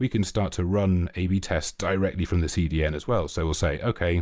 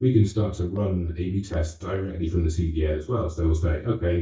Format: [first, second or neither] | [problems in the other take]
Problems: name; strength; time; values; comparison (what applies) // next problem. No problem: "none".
first | noise reduction (neural mask model DeepFilterNet 3)